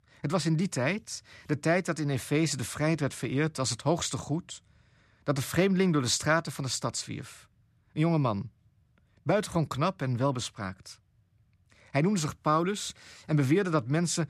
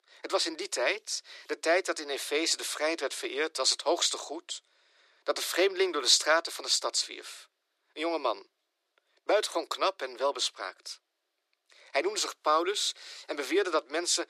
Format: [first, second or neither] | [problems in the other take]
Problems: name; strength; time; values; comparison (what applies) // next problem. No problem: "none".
first | thin; very; fading below 350 Hz